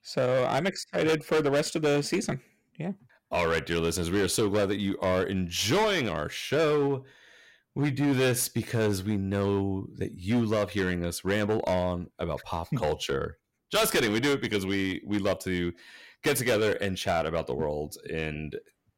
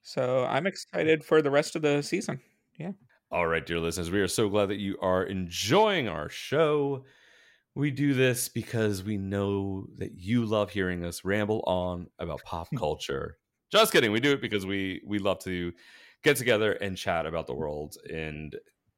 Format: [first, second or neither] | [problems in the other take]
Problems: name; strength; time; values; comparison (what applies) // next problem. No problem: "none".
second | distortion; heavy; 10% of the sound clipped